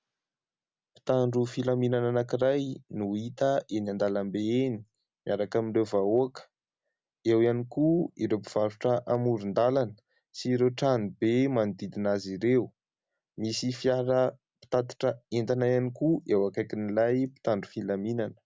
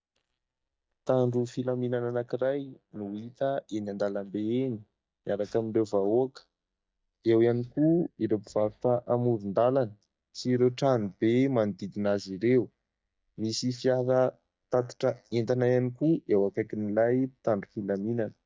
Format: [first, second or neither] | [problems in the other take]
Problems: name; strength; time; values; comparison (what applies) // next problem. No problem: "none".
first | noise reduction (neural mask model DeepFilterNet 3)